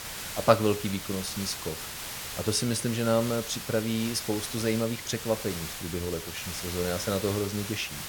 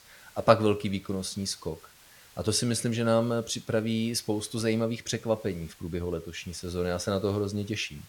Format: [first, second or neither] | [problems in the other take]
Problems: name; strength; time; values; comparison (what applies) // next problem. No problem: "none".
second | hiss; loud; throughout; 6 dB below the speech; faint in the second